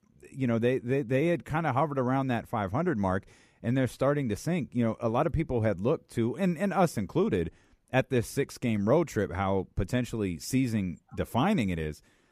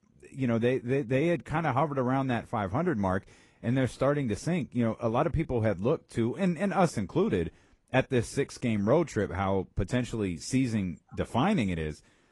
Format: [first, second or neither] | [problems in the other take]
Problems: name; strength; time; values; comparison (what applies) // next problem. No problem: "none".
first | garbled, watery; slightly; nothing above 10.5 kHz